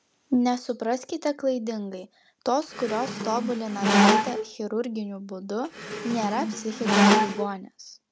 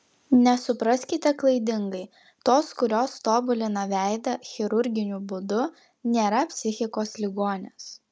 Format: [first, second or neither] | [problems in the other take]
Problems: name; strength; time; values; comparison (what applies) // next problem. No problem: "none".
second | background sound (Squeak); 5 dB above the speech